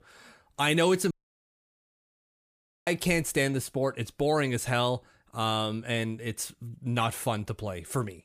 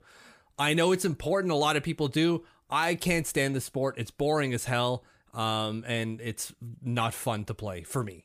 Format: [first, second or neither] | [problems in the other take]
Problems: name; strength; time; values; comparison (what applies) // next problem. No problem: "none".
second | audio cutting out; at 1 s for 2 s